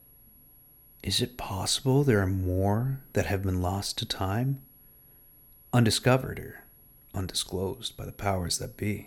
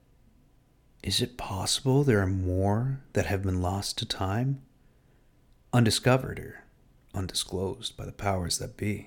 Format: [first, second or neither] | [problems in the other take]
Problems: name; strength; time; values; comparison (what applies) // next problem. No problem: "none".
second | high-pitched whine; faint; throughout; 11.5 kHz, 25 dB below the speech